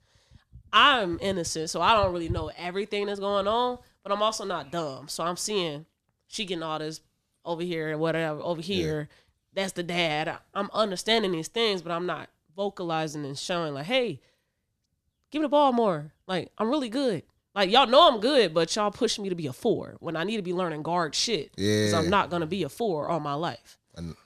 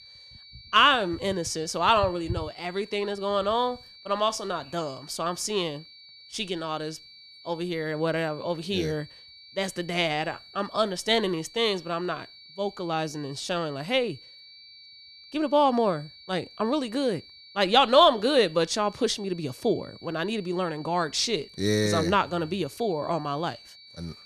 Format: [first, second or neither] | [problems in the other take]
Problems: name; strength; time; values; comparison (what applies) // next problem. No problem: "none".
first | high-pitched whine; faint; throughout; 4.5 kHz, 20 dB below the speech